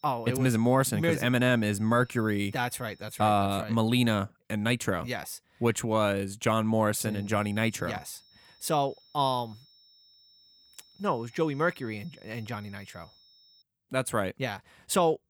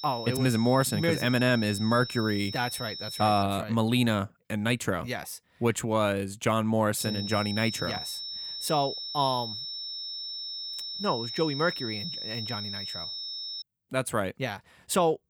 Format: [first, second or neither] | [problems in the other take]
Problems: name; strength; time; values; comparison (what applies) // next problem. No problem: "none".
first | high-pitched whine; loud; until 3.5 s and from 7 to 14 s; 5.5 kHz, 7 dB below the speech; faint in the first